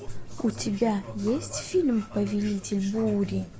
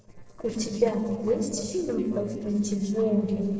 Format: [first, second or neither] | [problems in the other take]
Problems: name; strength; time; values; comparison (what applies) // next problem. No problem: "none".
first | noise reduction (neural separator model SepFormer DNS4)